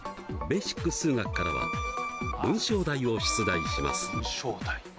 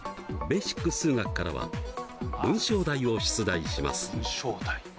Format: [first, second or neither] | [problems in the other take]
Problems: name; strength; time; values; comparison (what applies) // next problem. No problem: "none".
second | background sound (Bowed string instrument); 3 dB below the speech